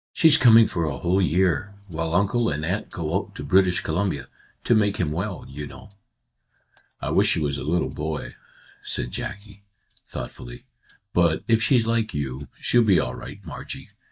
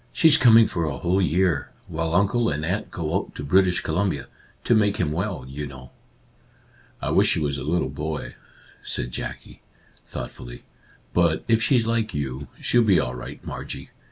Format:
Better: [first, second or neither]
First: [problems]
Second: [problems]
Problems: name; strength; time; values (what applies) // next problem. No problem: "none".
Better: second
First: noise reduction (neural mask model DeepFilterNet 3)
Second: none